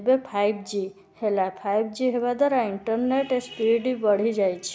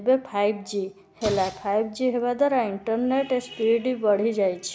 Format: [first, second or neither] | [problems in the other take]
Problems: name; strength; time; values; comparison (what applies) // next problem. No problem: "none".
first | background sound (Explosion); 17 dB below the speech